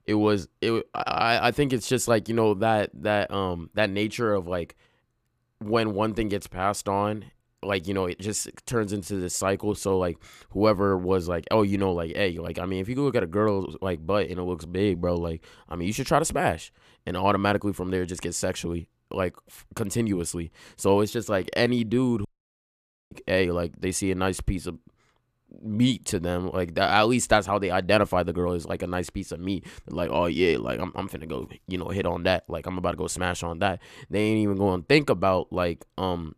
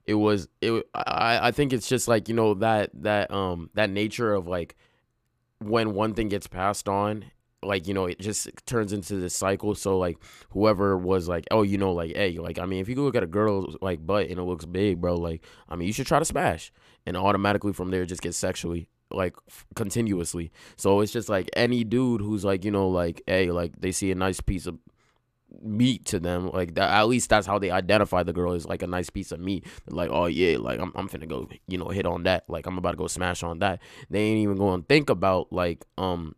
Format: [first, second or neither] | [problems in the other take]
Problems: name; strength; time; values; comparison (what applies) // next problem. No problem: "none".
second | audio cutting out; at 22 s for 1 s